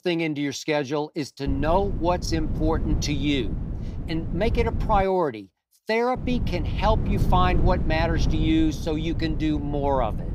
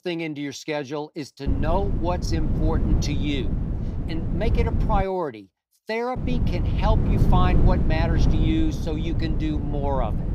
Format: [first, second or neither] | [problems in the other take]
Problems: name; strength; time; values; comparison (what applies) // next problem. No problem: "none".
first | wind noise on the microphone; heavy; from 1.5 to 5 s and from 6 s on; 6 dB below the speech; occasional gusts in the first